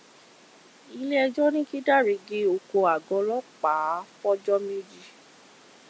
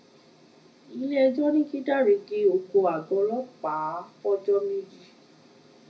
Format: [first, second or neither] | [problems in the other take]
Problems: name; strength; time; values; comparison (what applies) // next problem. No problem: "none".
first | room echo; dies away in 0.4 s